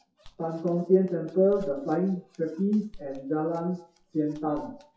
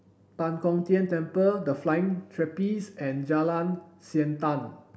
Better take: second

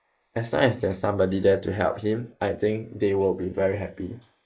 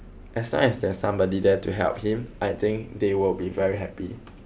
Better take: second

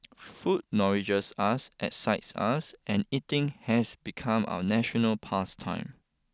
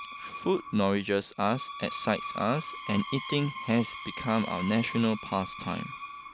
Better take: first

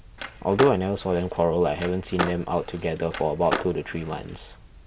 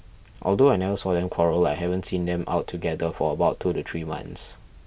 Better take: second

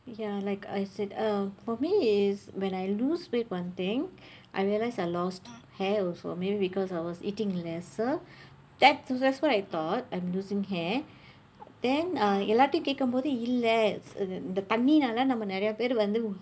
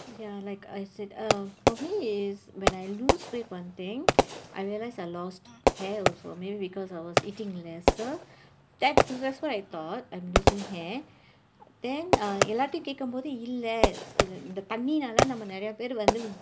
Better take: first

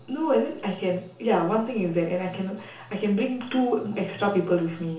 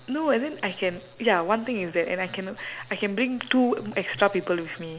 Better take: second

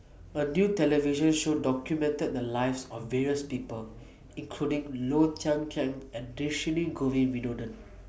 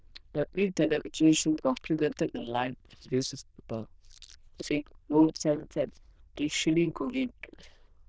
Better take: first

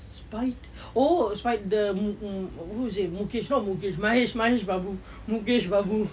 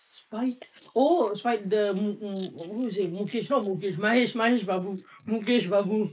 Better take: first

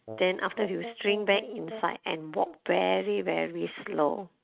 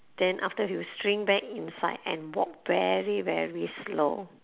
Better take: second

